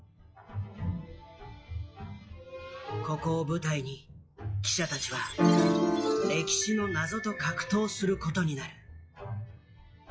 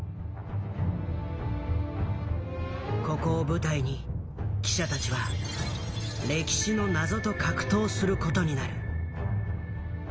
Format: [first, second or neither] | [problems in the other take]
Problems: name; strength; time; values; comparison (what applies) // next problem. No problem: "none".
second | noise reduction (classical method log-MMSE)